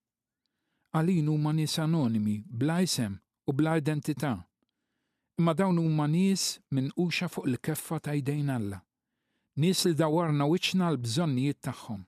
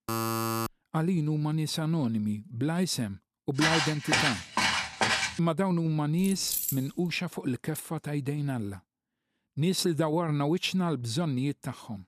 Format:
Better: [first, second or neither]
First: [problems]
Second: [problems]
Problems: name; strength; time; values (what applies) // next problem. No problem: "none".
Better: first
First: none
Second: alarm; loud; at the start; peak level with the speech // footsteps; loud; from 3.5 to 5.5 s; peak 4 dB above the speech // jangling keys; loud; at 6 s; peak level with the speech